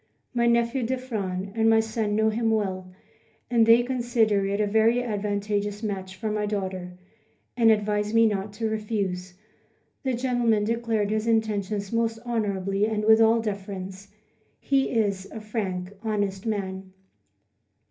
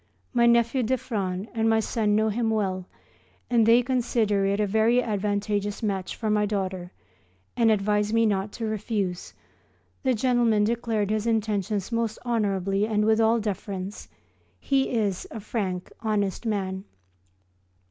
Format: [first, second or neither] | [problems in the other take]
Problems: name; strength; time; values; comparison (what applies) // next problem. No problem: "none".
second | room echo; dies away in 0.3 s